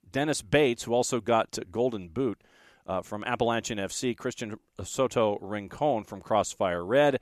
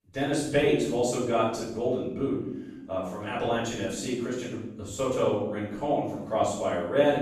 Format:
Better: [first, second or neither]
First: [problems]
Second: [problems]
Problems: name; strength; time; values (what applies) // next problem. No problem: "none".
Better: first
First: none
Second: off-mic speech; far // room echo; noticeable; dies away in 0.9 s